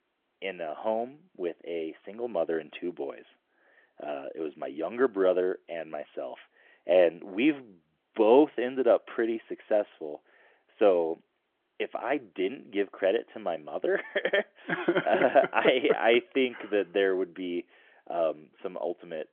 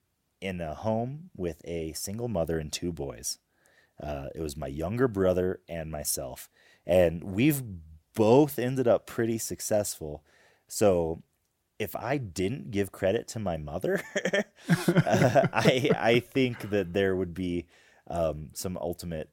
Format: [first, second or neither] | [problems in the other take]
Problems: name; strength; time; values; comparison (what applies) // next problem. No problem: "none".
second | phone-call audio; nothing above 3.5 kHz